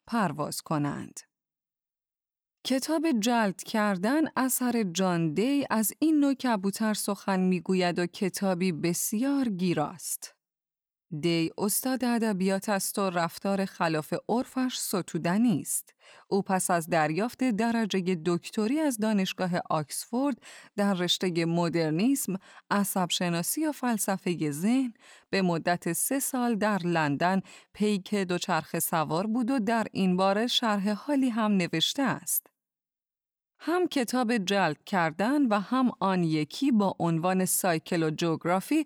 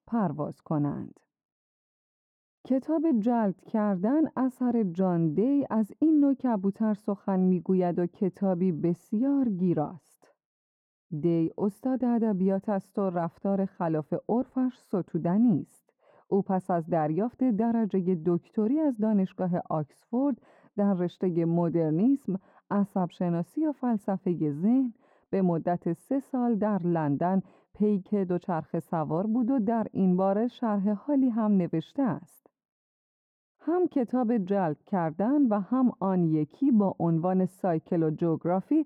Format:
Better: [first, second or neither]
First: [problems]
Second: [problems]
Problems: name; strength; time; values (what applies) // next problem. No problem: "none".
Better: first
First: none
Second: muffled; very; fading above 2 kHz